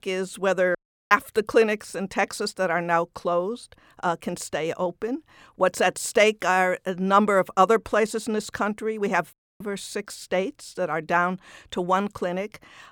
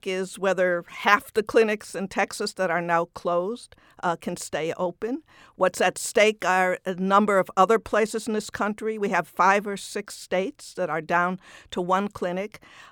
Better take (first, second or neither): second